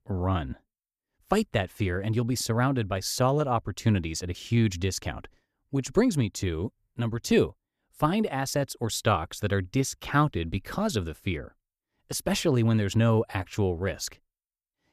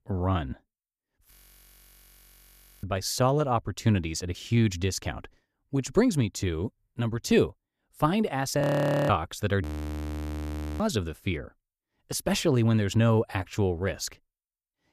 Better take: first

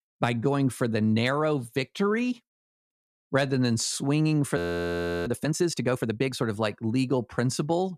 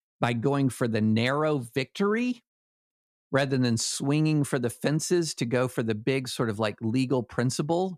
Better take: second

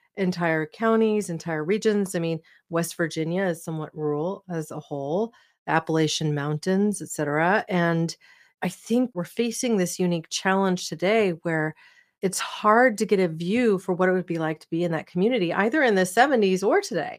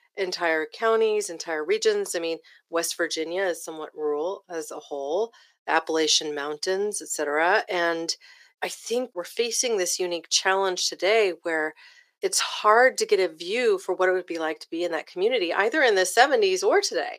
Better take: first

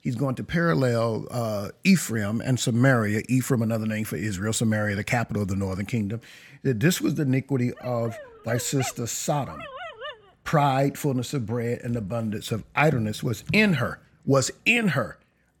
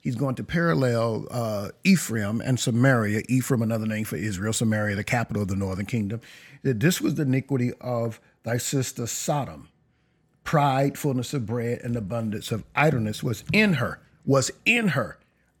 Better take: second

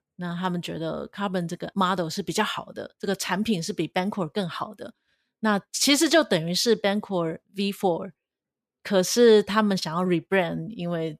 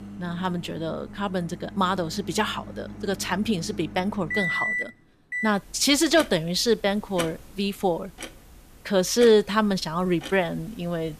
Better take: first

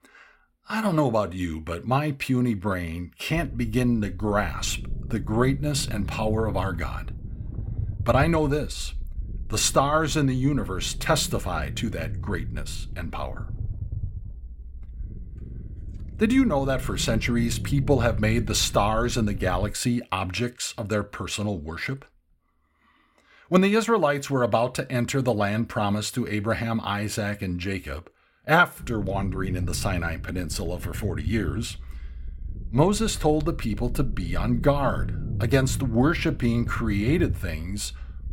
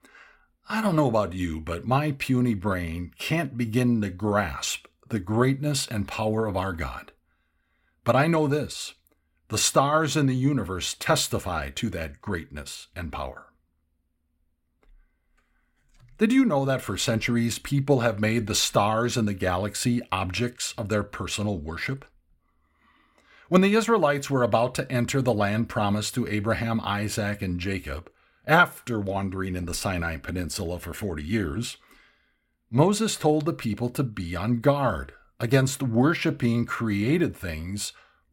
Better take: second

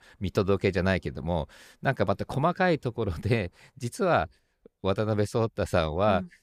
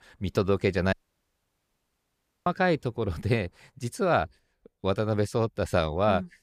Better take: first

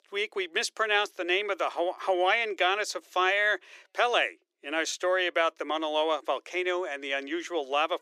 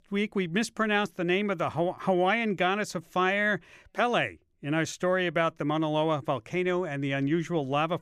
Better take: second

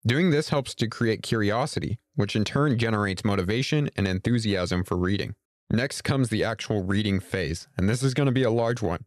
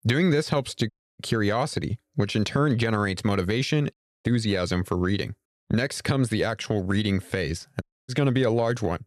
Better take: first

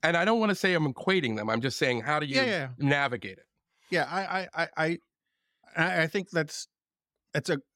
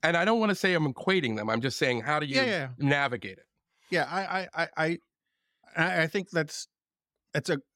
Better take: neither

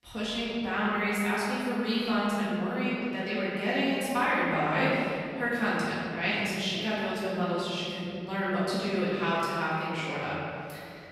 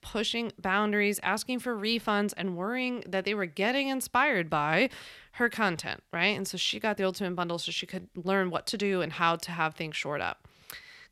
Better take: second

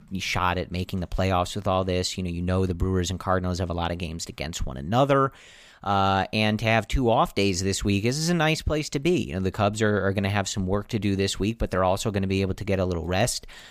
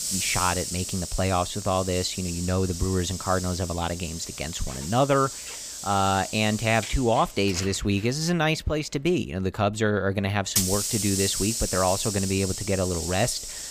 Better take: first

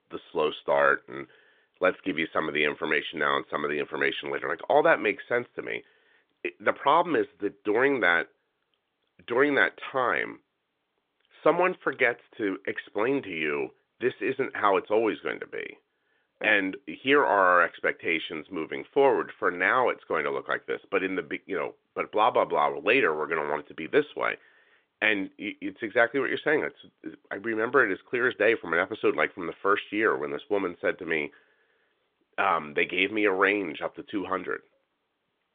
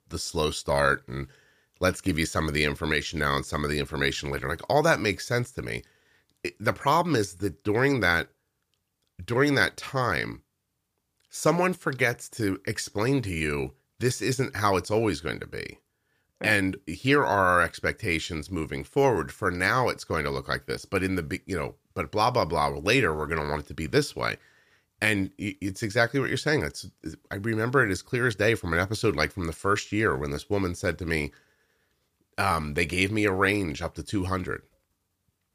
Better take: second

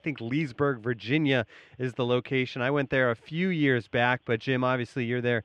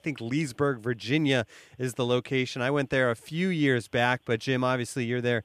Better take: second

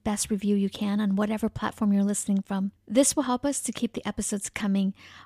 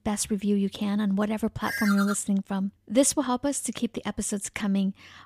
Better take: first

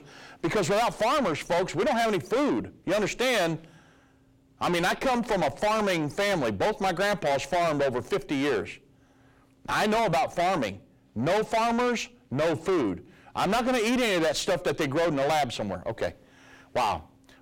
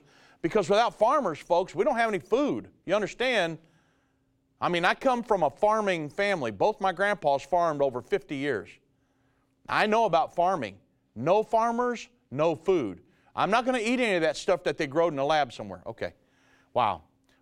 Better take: second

